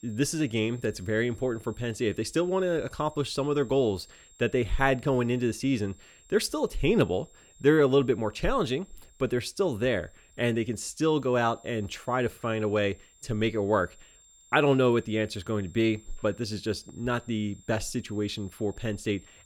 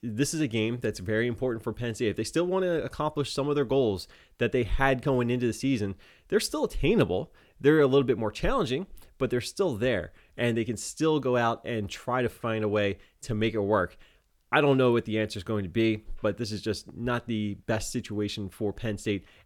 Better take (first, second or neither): second